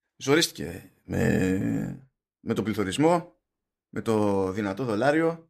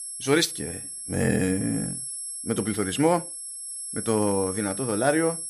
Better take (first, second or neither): first